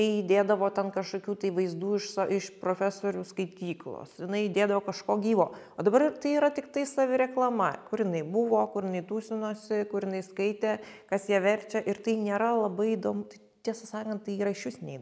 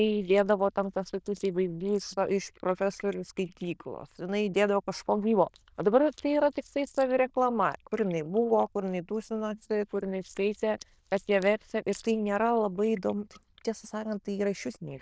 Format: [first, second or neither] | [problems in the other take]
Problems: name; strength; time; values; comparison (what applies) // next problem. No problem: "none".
first | noise reduction (neural diffusion model UNIVERSE++)